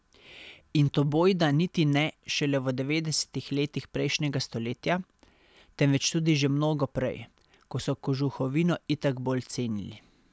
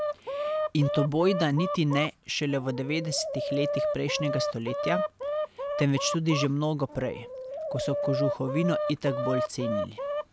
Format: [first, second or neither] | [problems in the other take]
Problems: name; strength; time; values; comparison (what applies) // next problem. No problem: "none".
first | background sound (Chicken, rooster); 3 dB below the speech